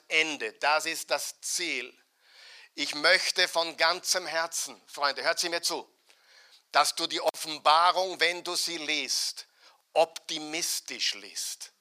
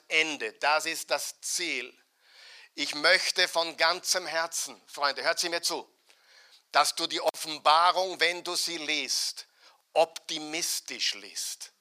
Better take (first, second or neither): neither